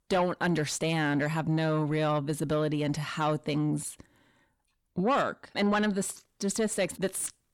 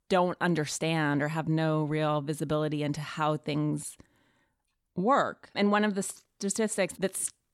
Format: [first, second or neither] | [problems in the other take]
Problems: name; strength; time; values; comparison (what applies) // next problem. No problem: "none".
second | distortion; slight; 10 dB below the speech